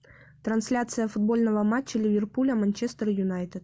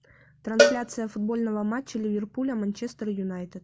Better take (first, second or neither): first